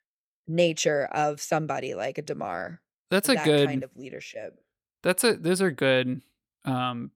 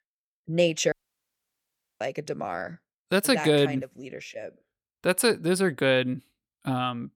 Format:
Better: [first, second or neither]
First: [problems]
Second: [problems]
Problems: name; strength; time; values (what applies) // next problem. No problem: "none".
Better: first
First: none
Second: audio cutting out; at 1 s for 1 s